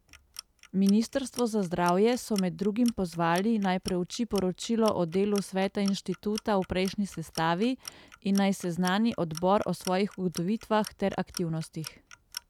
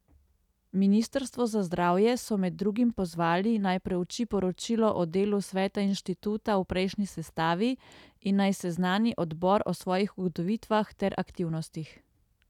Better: second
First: background sound (Clock); 19 dB below the speech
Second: none

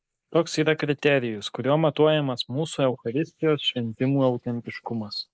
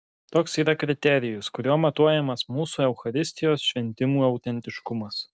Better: second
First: noise reduction (neural mask model Resemble Enhance denoiser)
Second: none

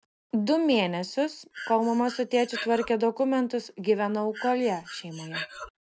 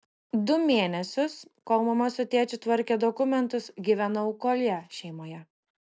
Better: second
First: background sound (Breathing); 13 dB below the speech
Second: none

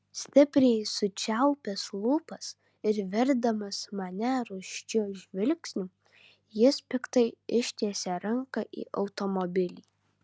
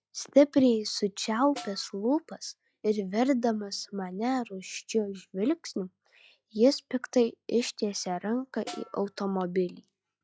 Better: first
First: none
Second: noise reduction (classical method log-MMSE)

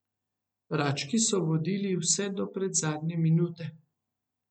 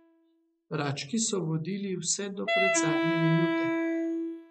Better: first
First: none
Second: noise reduction (classical method log-MMSE)

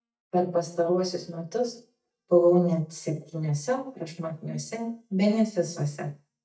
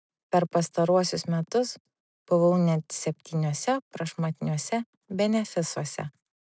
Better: second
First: noise reduction (neural mask model DeepFilterNet 3)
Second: none

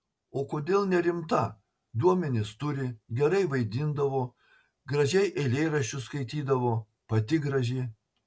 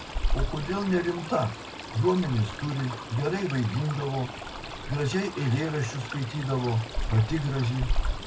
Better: first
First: none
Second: background sound (Stream); 4 dB below the speech // room echo; dies away in 0.4 s

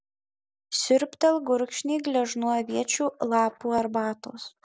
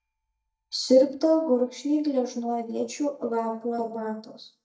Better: first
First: none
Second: noise reduction (neural mask model DeepFilterNet 3)

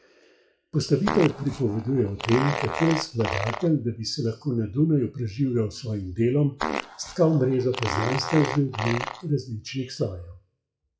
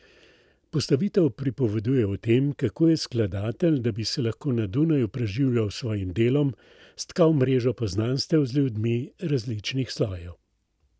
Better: second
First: noise reduction (classical method WPE with log-MMSE)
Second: none

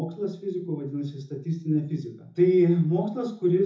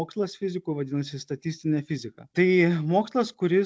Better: second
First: room echo; dies away in 0.5 s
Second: none

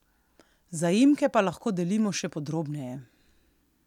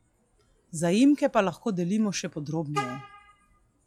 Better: first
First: none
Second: noise reduction (classical method log-MMSE)

